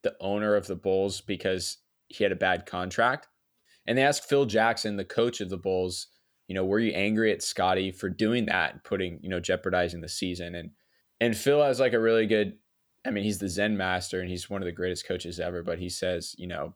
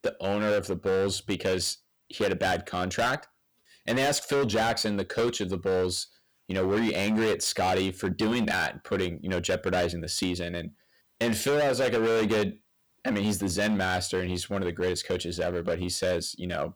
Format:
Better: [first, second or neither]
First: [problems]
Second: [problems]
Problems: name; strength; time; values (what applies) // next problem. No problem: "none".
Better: first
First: none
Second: distortion; heavy; 15% of the sound clipped